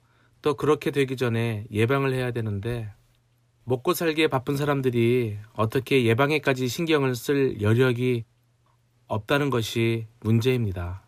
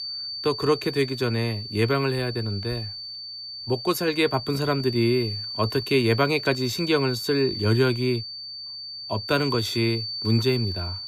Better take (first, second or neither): first